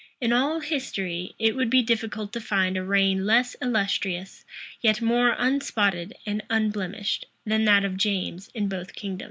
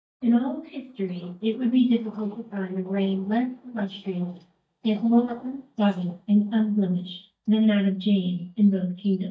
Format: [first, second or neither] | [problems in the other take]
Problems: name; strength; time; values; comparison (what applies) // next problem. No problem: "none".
first | noise reduction (neural mask model DeepFilterNet 3)